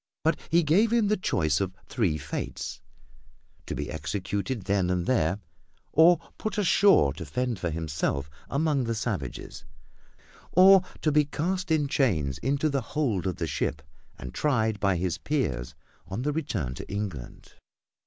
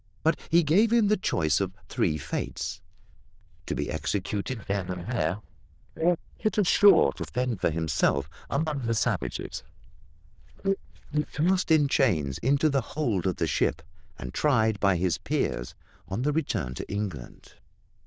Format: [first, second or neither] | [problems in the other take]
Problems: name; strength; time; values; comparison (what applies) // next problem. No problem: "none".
first | noise reduction (neural diffusion model UNIVERSE++)